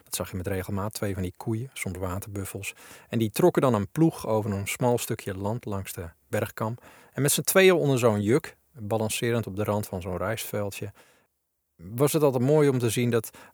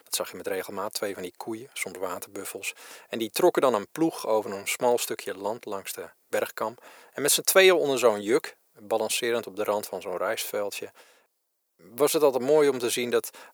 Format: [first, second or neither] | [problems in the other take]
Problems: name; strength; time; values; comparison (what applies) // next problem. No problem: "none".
first | thin; somewhat; fading below 450 Hz